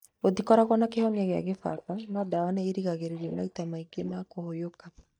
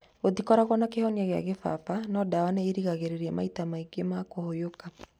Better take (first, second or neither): second